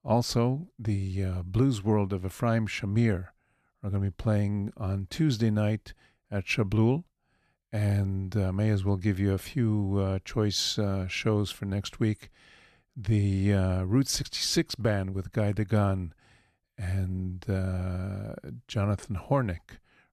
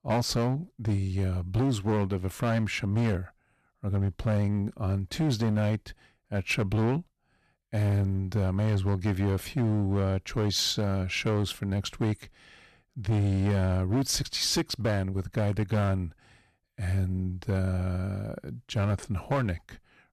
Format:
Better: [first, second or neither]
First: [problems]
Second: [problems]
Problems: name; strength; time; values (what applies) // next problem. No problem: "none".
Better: first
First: none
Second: distortion; slight; 11% of the sound clipped